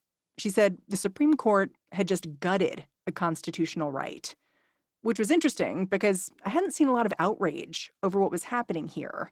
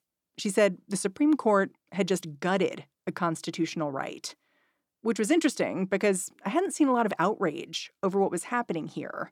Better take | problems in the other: second | garbled, watery; slightly

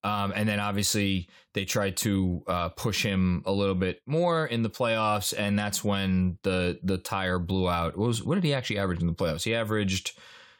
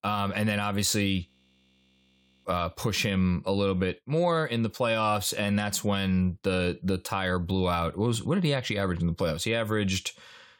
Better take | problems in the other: first | audio freezing; at 1.5 s for 1 s

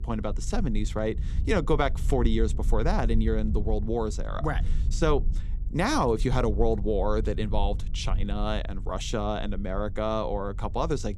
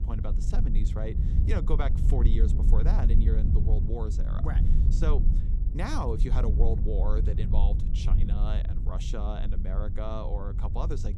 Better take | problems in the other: first | wind noise on the microphone; heavy; 6 dB below the speech; occasional gusts in the first

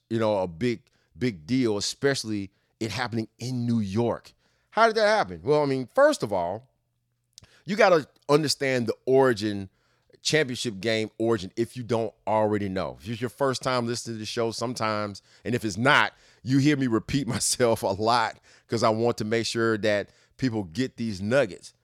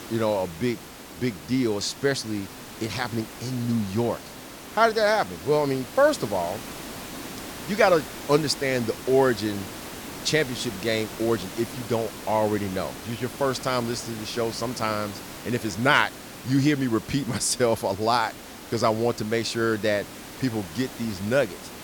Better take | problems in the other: first | hiss; noticeable; throughout; 15 dB below the speech

